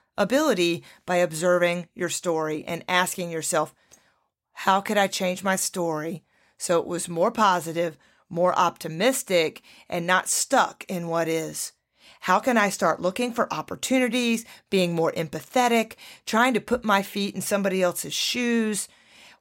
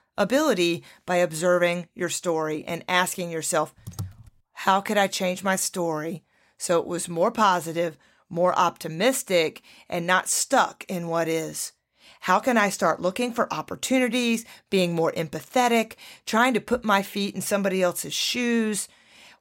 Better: first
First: none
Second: keyboard typing; faint; at 4 s; peak 15 dB below the speech

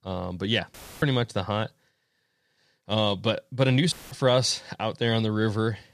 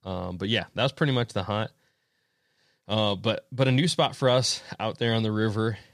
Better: second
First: audio cutting out; filled with static; at 0.5 s and at 4 s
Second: none

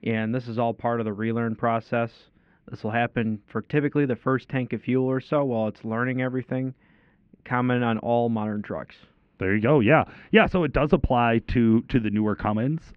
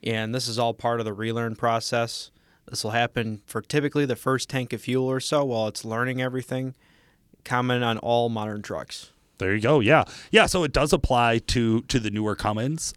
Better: second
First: muffled; very; fading above 2.5 kHz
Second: none

